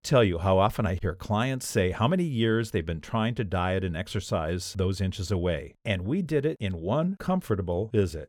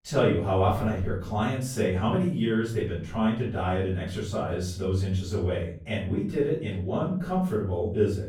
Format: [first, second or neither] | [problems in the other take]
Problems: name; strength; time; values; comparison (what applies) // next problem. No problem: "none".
first | off-mic speech; far // room echo; noticeable; dies away in 0.4 s